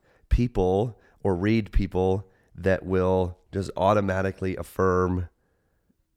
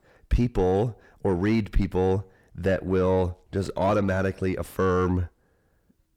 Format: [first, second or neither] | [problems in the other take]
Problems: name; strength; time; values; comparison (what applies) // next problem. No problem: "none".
first | distortion; slight; 10 dB below the speech